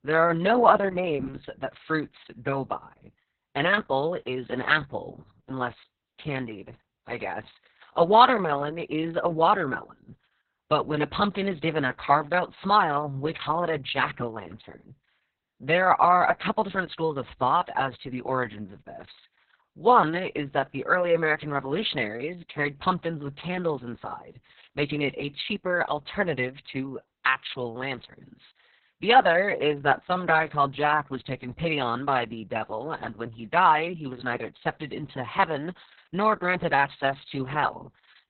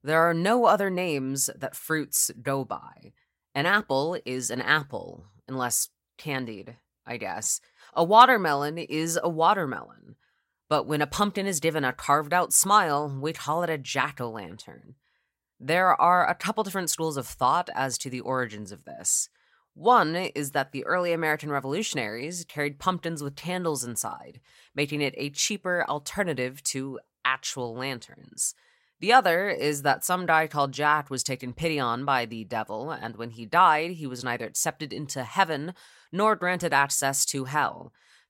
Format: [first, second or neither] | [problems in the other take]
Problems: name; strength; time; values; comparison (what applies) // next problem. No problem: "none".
second | garbled, watery; badly; nothing above 4 kHz